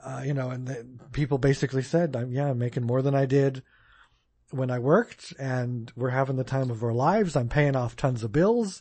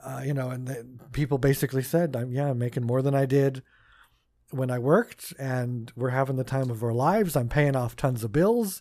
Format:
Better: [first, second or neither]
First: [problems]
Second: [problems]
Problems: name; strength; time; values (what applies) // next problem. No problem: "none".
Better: second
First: garbled, watery; slightly; nothing above 8 kHz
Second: none